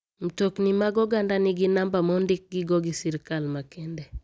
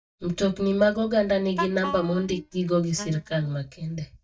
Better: first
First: none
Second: noise reduction (neural mask model DeepFilterNet 3)

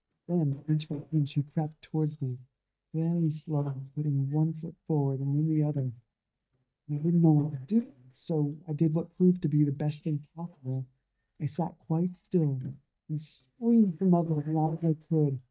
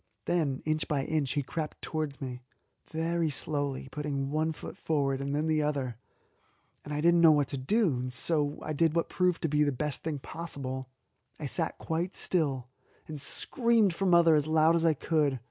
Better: second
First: noise reduction (neural mask model DeepFilterNet 3)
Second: none

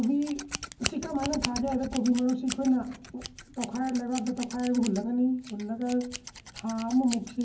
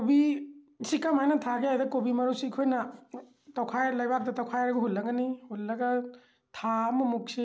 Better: second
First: background sound (Scissors); 11 dB below the speech // room echo; dies away in 0.3 s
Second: none

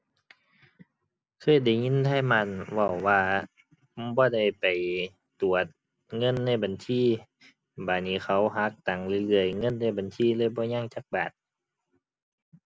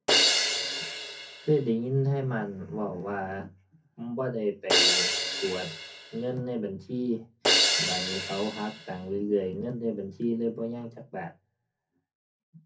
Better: first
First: none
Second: background sound (Crash cymbal); 5 dB above the speech // room echo; dies away in 0.3 s

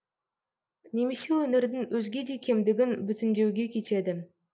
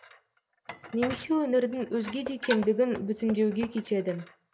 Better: first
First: none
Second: background sound (Knock + Dishes, pots, and pans); 13 dB below the speech

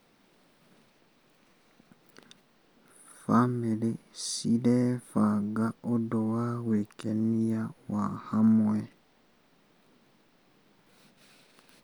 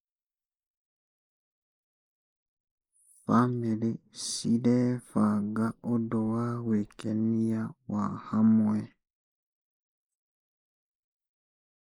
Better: first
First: none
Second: noise reduction (neural mask model Resemble Enhance denoiser)

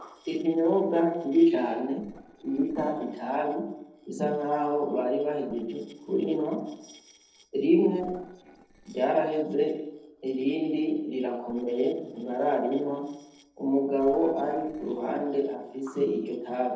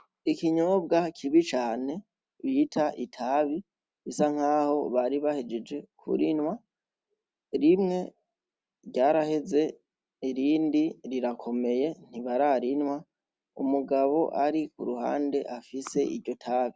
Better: second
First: noise reduction (neural separator model SepFormer DNS4)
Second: none

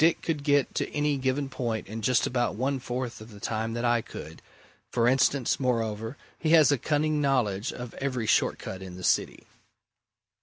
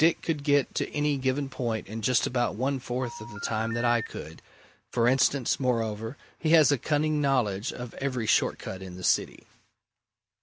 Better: first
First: none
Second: background sound (Telephone); 11 dB below the speech

